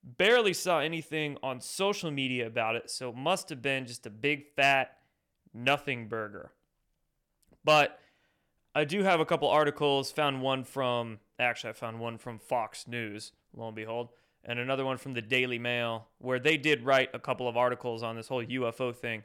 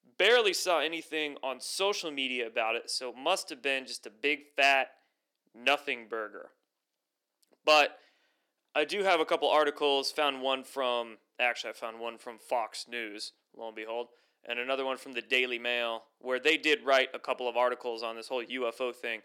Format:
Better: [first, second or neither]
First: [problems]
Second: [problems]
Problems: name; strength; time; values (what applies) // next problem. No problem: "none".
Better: first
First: none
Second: thin; somewhat; fading below 300 Hz